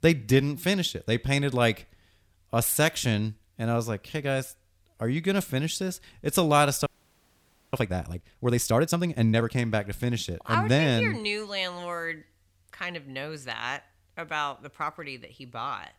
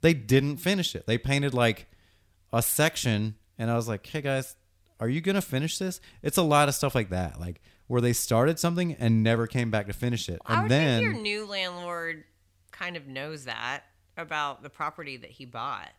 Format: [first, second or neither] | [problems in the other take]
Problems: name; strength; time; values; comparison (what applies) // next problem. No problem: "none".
second | audio freezing; at 7 s for 1 s